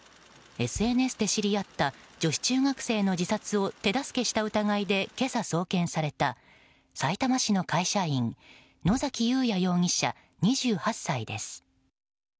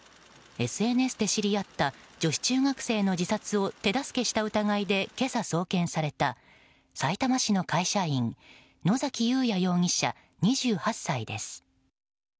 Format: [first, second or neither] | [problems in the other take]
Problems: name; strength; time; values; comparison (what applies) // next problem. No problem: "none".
second | background sound (Bass drum); 20 dB below the speech